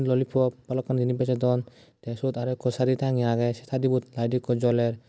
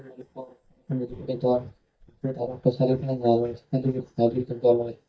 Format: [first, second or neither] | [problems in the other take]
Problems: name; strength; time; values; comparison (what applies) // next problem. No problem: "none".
first | noise reduction (neural mask model DeepFilterNet 3)